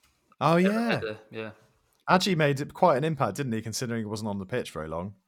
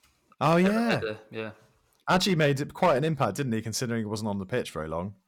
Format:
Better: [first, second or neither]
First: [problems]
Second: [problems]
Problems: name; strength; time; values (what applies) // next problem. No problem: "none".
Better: first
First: none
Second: distortion; slight; 3% of the sound clipped